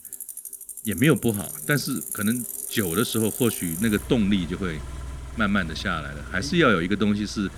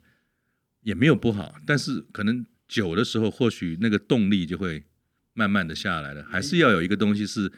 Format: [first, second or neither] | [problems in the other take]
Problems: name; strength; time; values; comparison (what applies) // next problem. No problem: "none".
second | traffic noise; loud; throughout; 9 dB below the speech